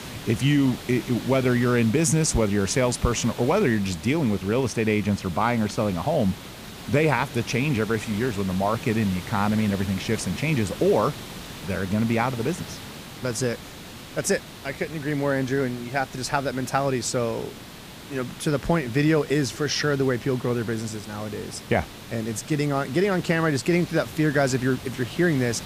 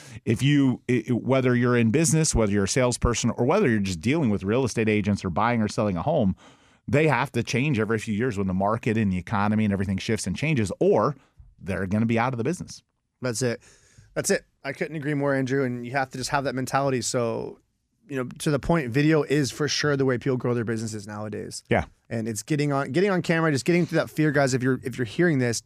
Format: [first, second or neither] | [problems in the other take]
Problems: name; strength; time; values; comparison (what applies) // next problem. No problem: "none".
second | hiss; noticeable; throughout; 15 dB below the speech